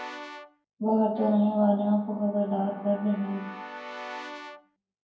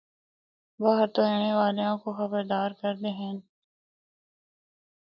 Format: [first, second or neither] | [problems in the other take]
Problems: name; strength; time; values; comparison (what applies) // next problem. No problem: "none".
second | background sound (Keyboard (musical) / Brass instrument); 15 dB below the speech // room echo; dies away in 0.9 s